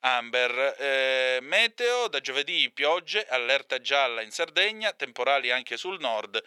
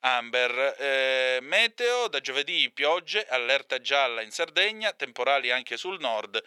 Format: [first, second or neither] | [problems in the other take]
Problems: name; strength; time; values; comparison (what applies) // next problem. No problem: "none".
neither | thin; very; fading below 700 Hz; the same in both